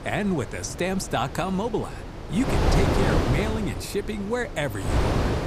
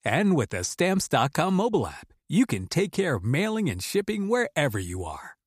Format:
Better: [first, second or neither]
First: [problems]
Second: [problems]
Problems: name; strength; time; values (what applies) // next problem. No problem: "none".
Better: second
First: wind noise on the microphone; heavy; 2 dB below the speech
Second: none